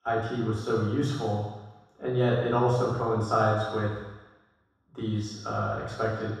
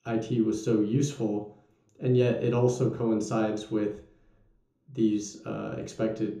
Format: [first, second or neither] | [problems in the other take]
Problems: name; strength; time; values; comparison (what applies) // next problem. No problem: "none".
second | room echo; strong; dies away in 1.2 s; slight in the second // off-mic speech; far; far in the second